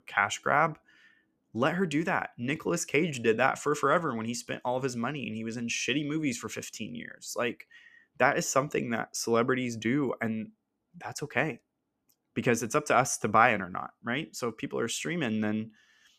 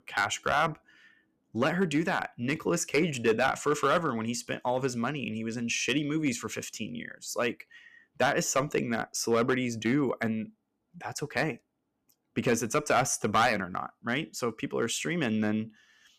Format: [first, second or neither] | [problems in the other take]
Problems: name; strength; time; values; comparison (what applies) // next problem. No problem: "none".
first | distortion; slight; 1.6% of the sound clipped